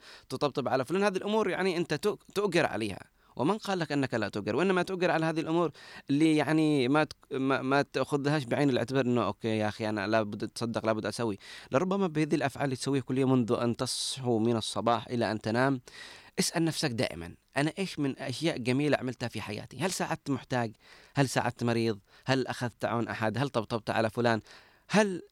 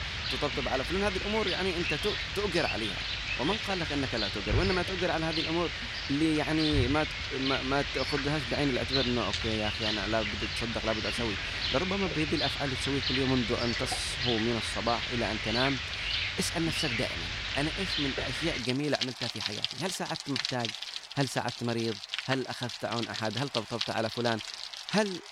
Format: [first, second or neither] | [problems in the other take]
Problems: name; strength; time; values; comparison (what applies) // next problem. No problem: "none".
first | rain or running water; very loud; throughout; as loud as the speech